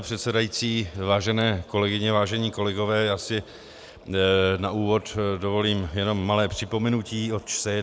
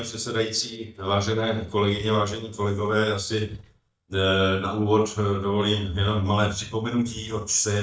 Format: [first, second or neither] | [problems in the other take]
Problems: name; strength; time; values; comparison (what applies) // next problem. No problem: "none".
first | noise reduction (neural mask model DeepFilterNet 3)